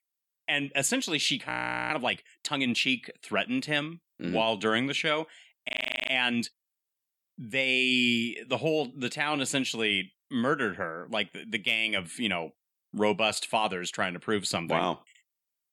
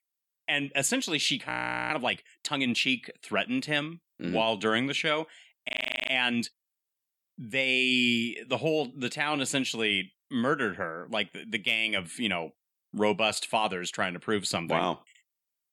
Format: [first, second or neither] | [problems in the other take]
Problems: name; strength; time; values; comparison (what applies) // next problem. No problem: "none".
neither | audio freezing; at 1.5 s and at 5.5 s; the same in both